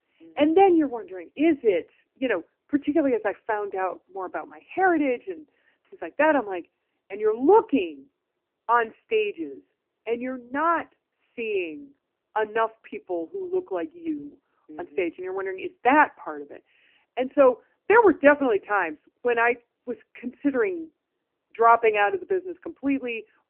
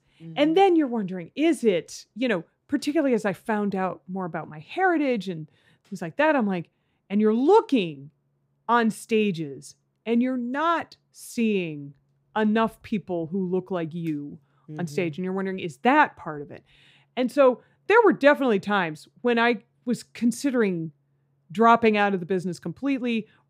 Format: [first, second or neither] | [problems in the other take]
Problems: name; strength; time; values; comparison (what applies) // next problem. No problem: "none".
second | phone-call audio; poor line; nothing above 3 kHz